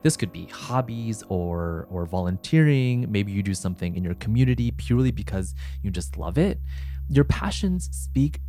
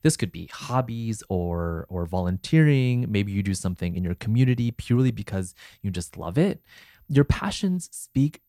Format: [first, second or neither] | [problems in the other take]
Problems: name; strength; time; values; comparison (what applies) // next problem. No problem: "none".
second | background music; loud; throughout; 10 dB below the speech